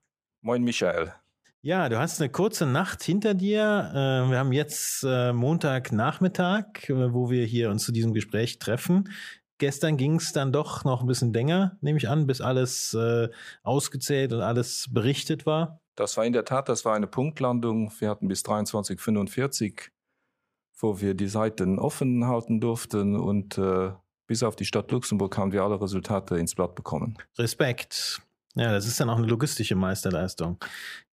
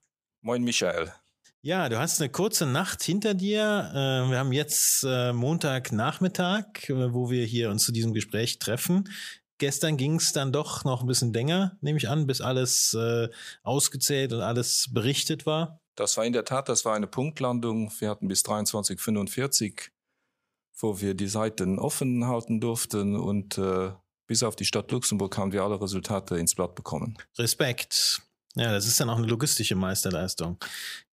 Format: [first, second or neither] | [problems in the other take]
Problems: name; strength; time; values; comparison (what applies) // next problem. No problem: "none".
second | muffled; slightly; fading above 3 kHz